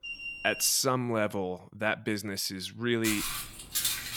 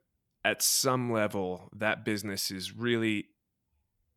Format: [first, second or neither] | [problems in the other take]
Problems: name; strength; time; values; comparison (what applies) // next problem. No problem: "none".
second | alarm; noticeable; at the start; peak 7 dB below the speech // footsteps; loud; from 3 s on; peak 1 dB above the speech